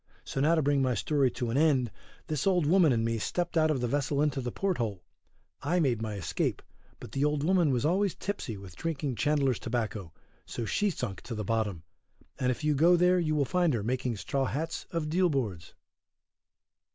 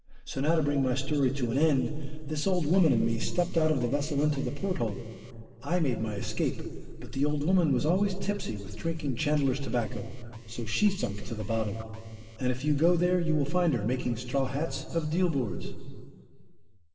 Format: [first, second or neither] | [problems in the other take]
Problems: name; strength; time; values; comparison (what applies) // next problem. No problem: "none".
first | noise reduction (neural separator model SepFormer DNS4)